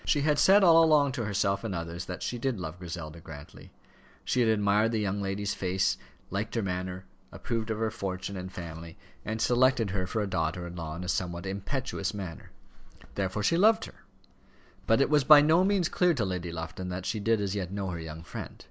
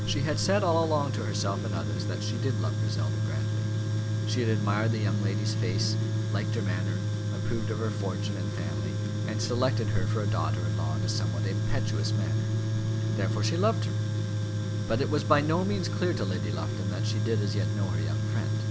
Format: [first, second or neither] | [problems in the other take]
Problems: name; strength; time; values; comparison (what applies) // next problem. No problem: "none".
first | background sound (Tools); 4 dB above the speech